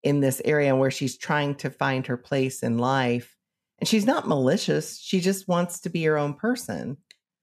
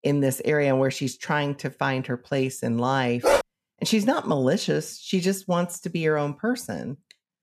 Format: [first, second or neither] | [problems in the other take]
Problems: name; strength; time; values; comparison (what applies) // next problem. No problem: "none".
first | dog barking; loud; at 3 s; peak 3 dB above the speech